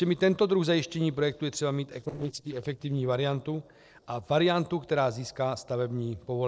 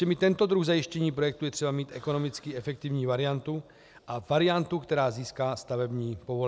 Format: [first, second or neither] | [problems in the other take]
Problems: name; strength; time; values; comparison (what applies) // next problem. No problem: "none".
second | noise reduction (neural separator model SepFormer DNS4)